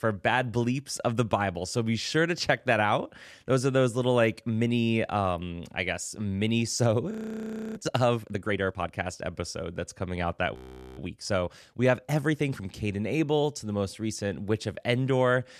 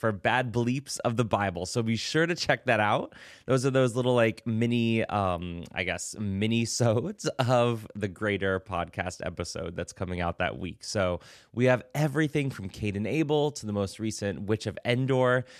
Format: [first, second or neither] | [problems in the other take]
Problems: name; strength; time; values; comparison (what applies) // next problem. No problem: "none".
second | audio freezing; at 7 s for 0.5 s and at 11 s